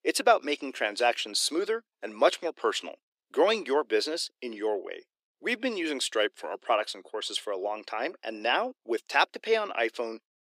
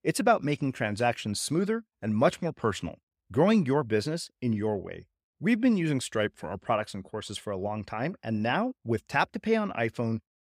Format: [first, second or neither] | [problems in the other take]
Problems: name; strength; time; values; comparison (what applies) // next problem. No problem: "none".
second | thin; very; fading below 300 Hz